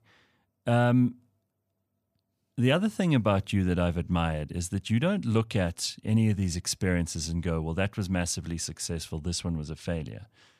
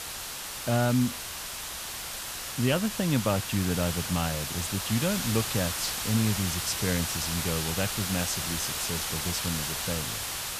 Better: first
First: none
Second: hiss; loud; throughout; 1 dB below the speech

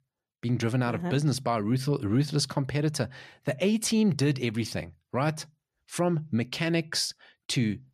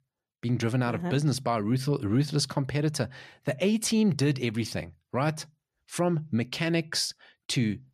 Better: neither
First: none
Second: none

